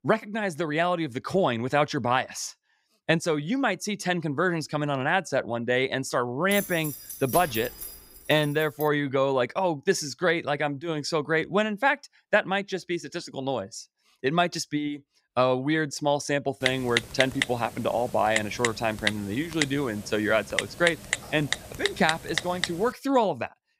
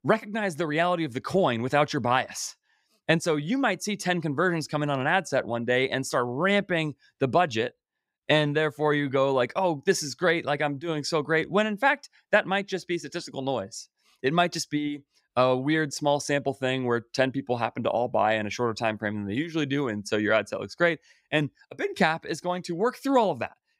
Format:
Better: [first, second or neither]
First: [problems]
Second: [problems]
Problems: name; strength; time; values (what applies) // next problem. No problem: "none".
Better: second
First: jangling keys; noticeable; from 6.5 to 9 s; peak 6 dB below the speech // keyboard typing; noticeable; from 17 to 23 s; peak level with the speech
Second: none